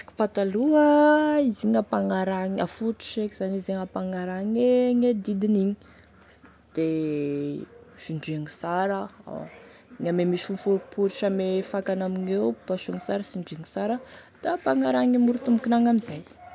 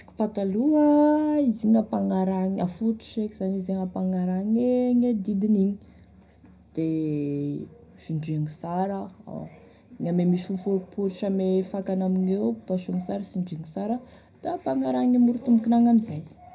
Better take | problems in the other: first | room echo; dies away in 0.3 s

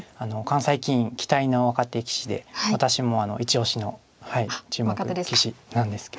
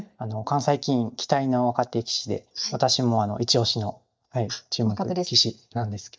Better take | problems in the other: first | noise reduction (neural mask model DeepFilterNet 3)

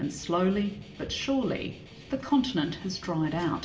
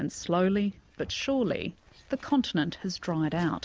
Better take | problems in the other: second | background sound (Guitar); 18 dB below the speech // room echo; dies away in 1.4 s

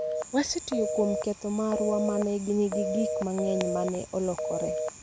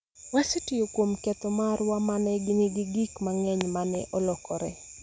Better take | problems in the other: second | background sound (Telephone); 3 dB below the speech

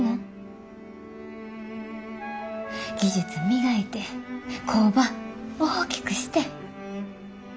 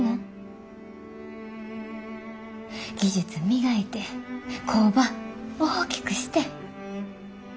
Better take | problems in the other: second | background sound (Wind instrument, woodwind instrument); 8 dB below the speech

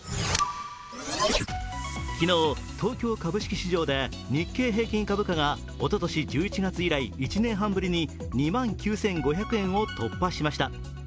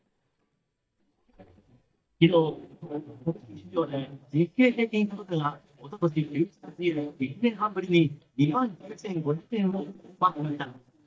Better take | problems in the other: first | noise reduction (neural mask model DeepFilterNet 3)

